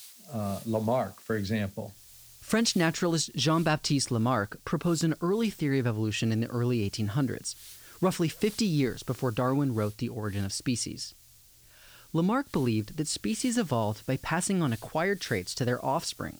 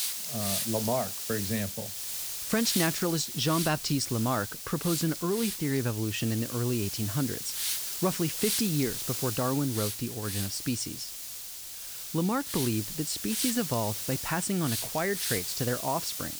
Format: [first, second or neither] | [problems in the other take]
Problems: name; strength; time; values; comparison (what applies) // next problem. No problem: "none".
first | hiss; loud; throughout; 2 dB below the speech; faint in the first